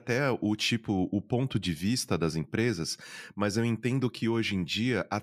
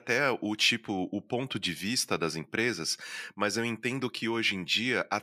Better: first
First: none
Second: thin; somewhat; fading below 1 kHz

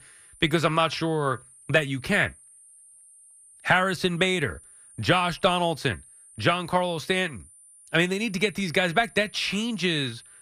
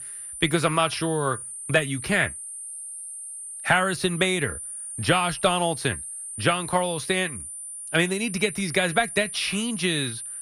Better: first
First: high-pitched whine; faint; throughout; 9 kHz, 25 dB below the speech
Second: high-pitched whine; loud; throughout; 9 kHz, 9 dB below the speech

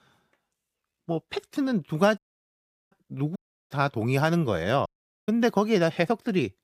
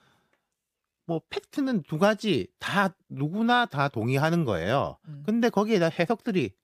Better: second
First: audio cutting out; at 2 s for 0.5 s, at 3.5 s and at 5 s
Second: none

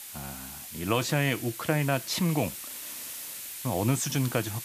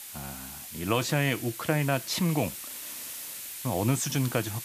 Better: neither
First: hiss; loud; throughout; 9 dB below the speech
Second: hiss; loud; throughout; 9 dB below the speech

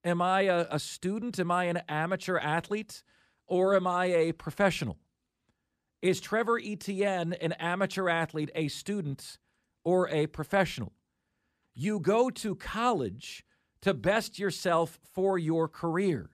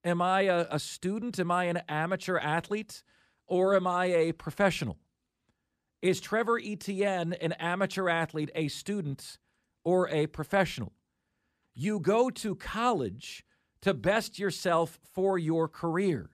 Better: neither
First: none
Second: none

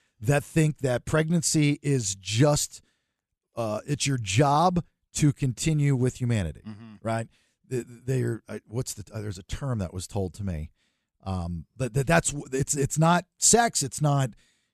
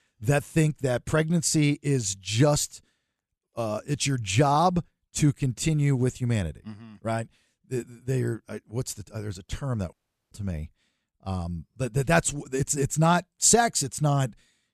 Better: first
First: none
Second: audio cutting out; at 10 s

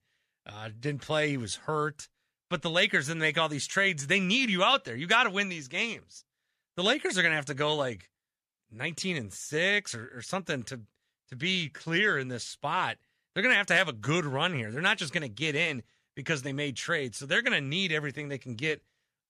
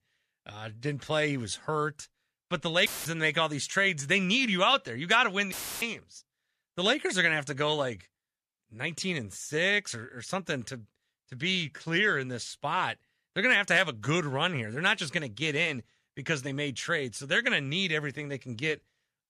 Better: first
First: none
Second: audio cutting out; filled with static; at 3 s and at 5.5 s

